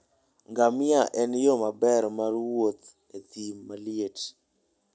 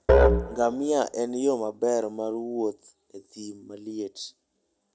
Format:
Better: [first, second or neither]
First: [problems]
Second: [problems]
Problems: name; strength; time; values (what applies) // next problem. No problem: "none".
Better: first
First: none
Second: background sound (Musical instrument); 4 dB above the speech